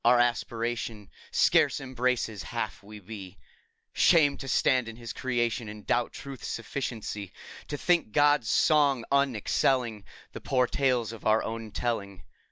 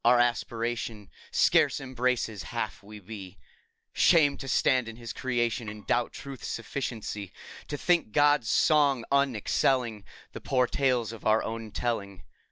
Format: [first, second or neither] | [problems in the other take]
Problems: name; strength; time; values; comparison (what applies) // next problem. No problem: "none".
first | noise reduction (neural separator model SepFormer DNS4)